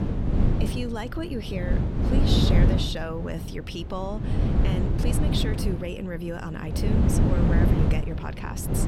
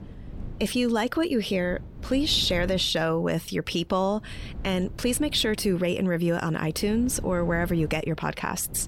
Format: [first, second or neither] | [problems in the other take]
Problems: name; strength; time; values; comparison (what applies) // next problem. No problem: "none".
second | wind noise on the microphone; heavy; as loud as the speech; occasional gusts in the second